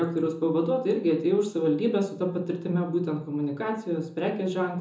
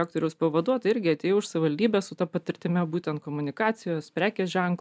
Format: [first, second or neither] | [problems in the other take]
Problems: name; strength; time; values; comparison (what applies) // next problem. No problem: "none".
second | room echo; dies away in 0.6 s